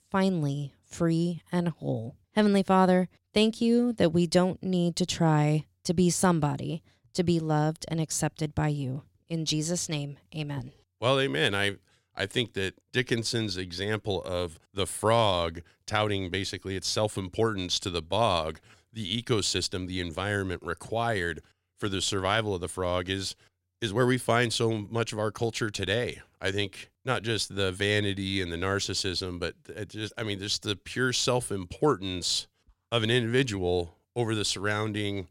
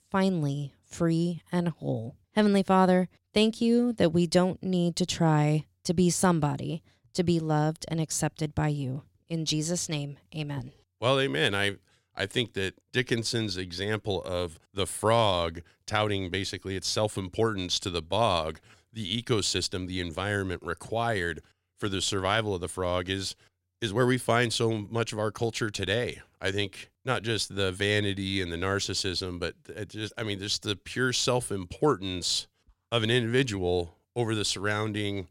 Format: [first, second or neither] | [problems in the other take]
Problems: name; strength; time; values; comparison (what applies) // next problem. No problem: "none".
neither | none